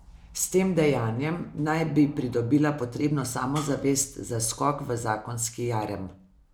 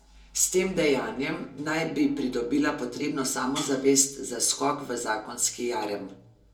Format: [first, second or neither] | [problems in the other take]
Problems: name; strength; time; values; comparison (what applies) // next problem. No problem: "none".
first | room echo; dies away in 0.2 s